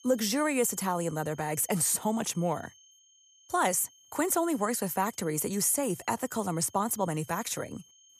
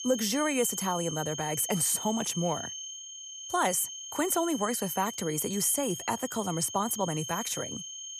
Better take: first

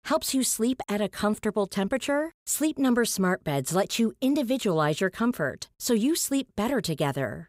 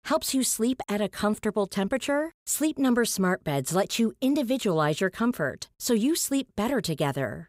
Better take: neither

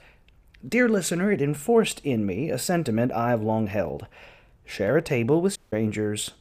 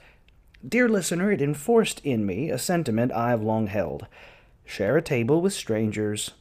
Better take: second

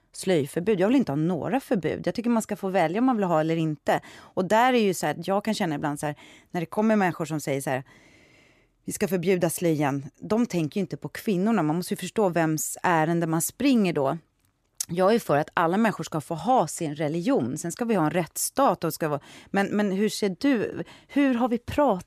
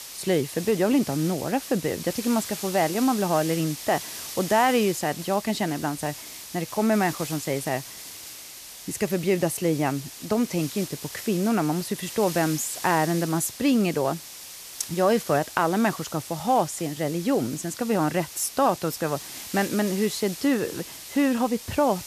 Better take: first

